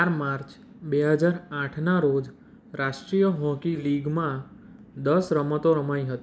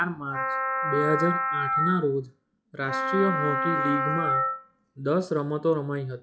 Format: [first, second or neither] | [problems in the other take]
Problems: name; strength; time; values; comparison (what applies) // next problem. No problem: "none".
first | noise reduction (classical method log-MMSE)